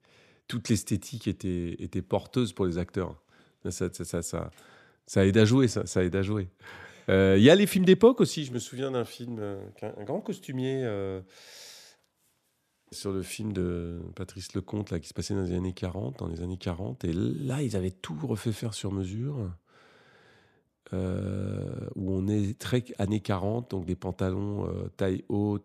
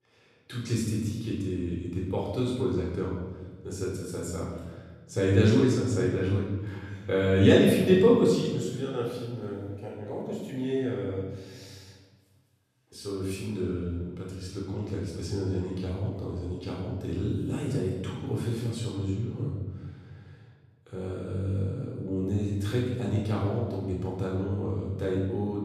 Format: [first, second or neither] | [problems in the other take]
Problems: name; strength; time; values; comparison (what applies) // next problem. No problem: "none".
first | off-mic speech; far // room echo; noticeable; dies away in 1.4 s